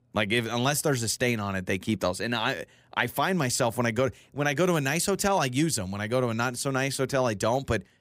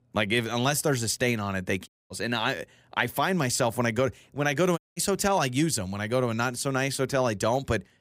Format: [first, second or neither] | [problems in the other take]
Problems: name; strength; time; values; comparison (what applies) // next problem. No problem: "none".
first | audio cutting out; at 2 s and at 5 s